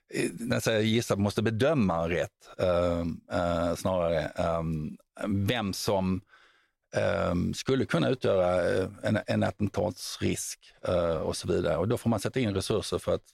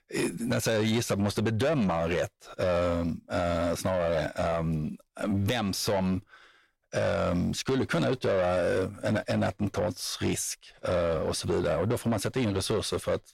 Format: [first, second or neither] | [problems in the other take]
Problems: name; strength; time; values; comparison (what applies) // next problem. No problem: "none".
first | distortion; slight; 10 dB below the speech